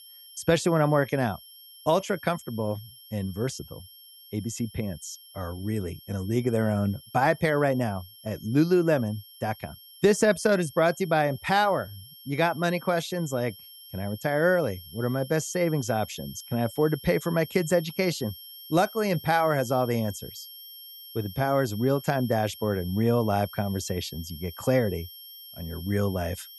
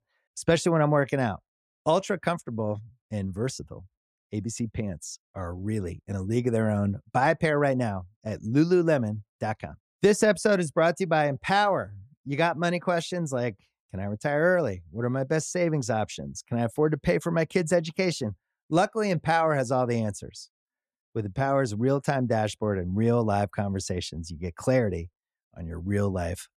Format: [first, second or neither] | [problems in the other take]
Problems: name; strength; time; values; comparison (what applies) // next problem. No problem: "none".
second | high-pitched whine; noticeable; throughout; 3 kHz, 15 dB below the speech